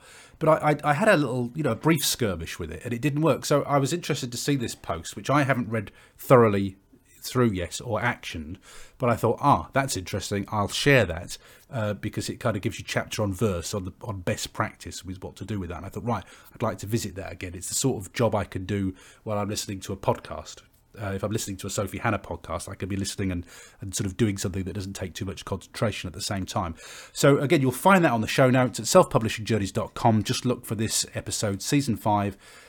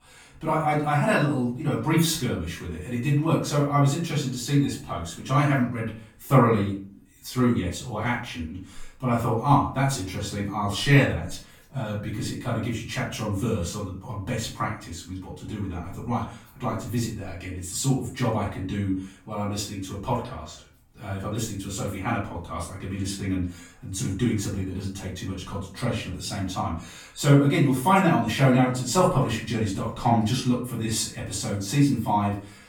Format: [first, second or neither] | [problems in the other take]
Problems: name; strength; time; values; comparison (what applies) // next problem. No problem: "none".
first | off-mic speech; far // room echo; slight; dies away in 0.4 s